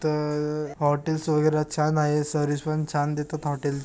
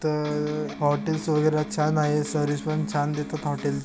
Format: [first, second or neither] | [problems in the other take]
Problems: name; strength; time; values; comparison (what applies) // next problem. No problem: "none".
first | background sound (Electric guitar); 11 dB below the speech